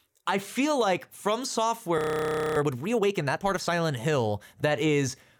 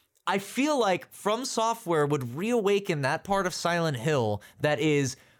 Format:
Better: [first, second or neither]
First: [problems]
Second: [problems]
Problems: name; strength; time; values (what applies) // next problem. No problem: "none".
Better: second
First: audio freezing; at 2 s for 0.5 s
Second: none